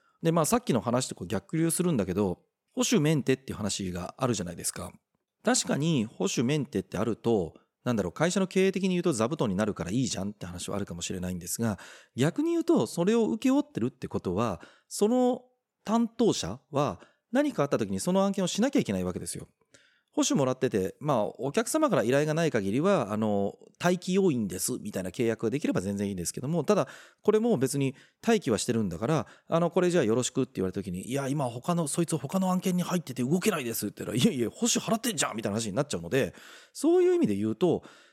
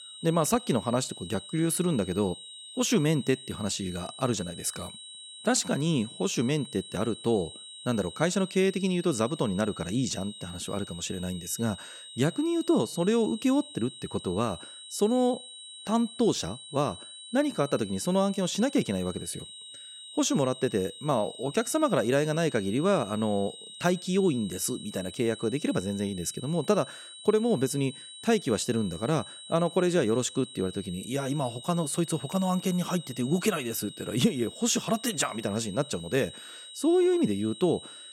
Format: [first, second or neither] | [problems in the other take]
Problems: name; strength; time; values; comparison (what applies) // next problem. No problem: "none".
first | high-pitched whine; noticeable; throughout; 4 kHz, 15 dB below the speech